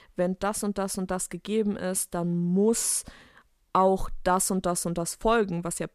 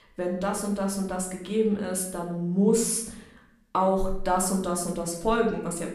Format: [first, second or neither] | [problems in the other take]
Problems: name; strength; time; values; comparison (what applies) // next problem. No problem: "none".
first | room echo; slight; dies away in 0.6 s // off-mic speech; somewhat distant